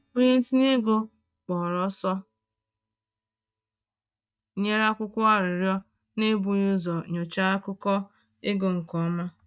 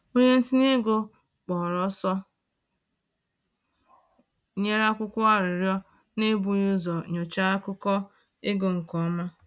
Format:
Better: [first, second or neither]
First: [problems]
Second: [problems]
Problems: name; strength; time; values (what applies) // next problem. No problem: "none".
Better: second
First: noise reduction (neural mask model DeepFilterNet 3)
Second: none